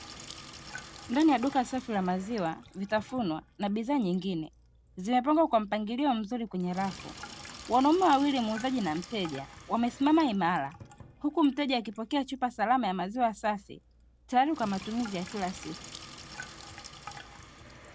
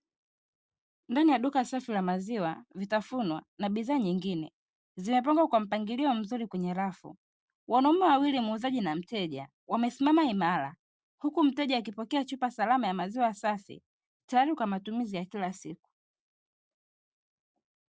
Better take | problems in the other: second | background sound (Sink (filling or washing)); 18 dB below the speech

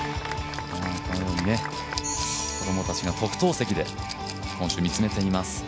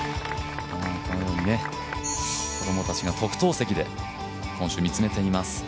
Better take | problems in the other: second | background sound (Rattle / Glass); 14 dB below the speech

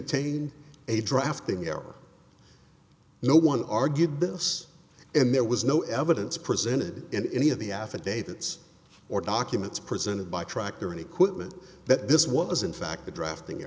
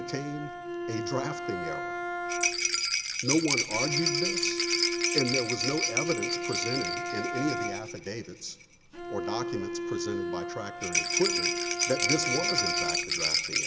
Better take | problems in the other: first | background sound (Rattle + Bowed string instrument); 4 dB above the speech

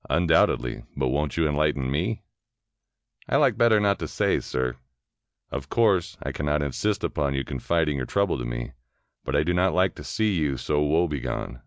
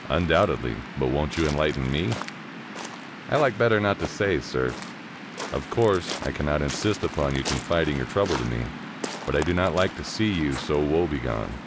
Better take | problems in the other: first | background sound (Waves, surf); 10 dB below the speech

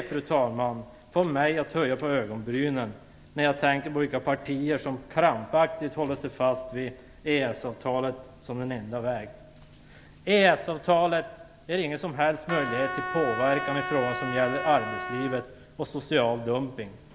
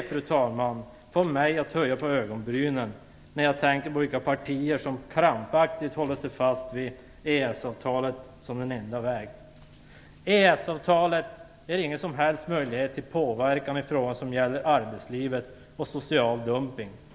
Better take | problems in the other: second | background sound (Trumpet); 6 dB below the speech

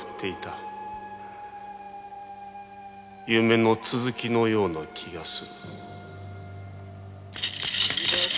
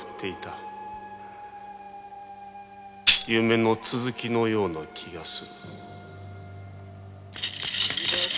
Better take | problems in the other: first | background sound (Tambourine); 2 dB above the speech

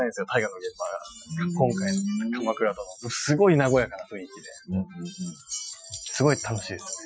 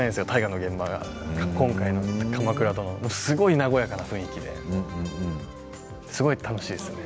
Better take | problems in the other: second | noise reduction (classical method Wiener filter)

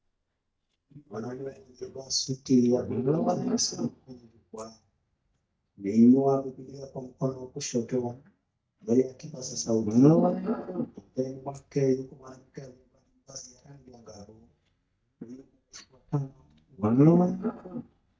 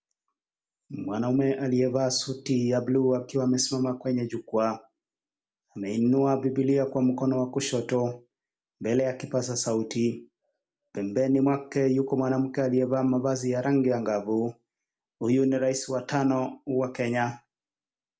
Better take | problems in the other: second | noise reduction (neural mask model DeepFilterNet 3)

